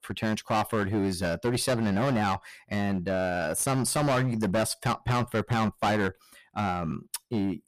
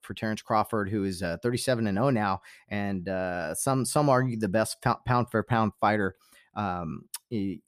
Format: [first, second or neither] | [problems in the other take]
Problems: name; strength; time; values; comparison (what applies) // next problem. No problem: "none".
second | distortion; heavy; 14% of the sound clipped